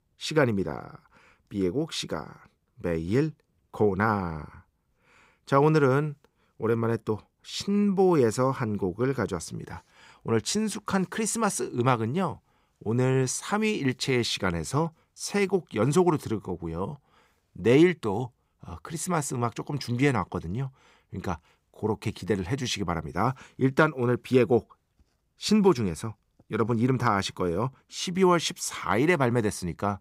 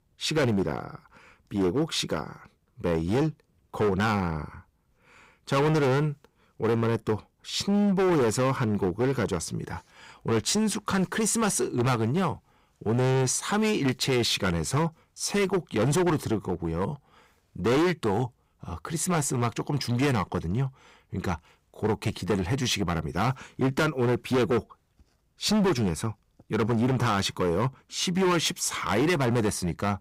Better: first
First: none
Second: distortion; heavy; 13% of the sound clipped

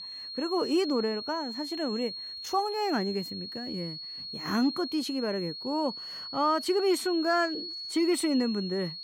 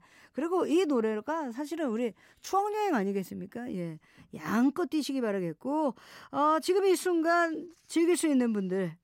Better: second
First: high-pitched whine; loud; throughout; 4.5 kHz, 7 dB below the speech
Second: none

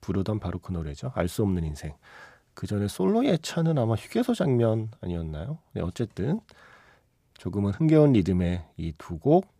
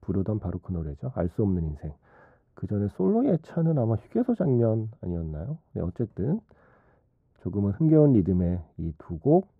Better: first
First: none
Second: muffled; very; fading above 1.5 kHz

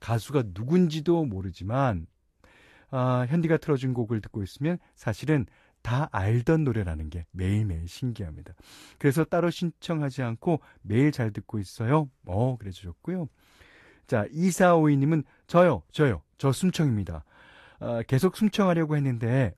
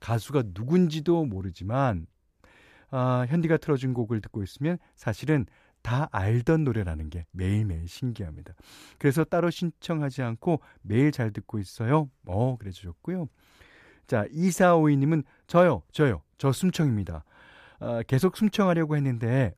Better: second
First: garbled, watery; slightly; nothing above 12.5 kHz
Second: none

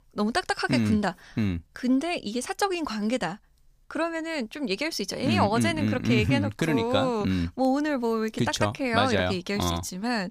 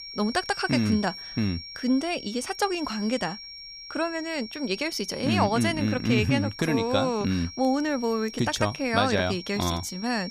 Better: first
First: none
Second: high-pitched whine; noticeable; throughout; 5.5 kHz, 10 dB below the speech

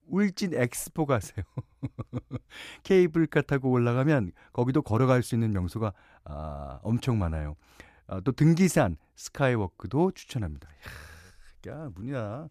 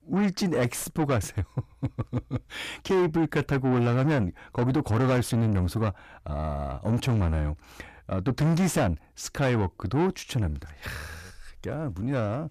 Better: first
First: none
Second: distortion; heavy; 7 dB below the speech

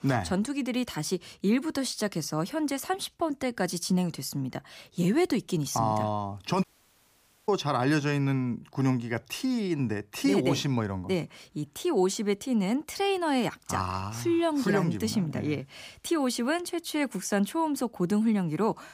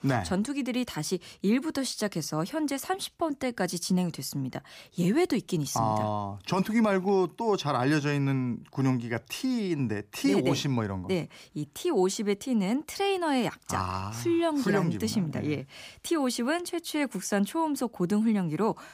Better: second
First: audio cutting out; at 6.5 s for 1 s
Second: none

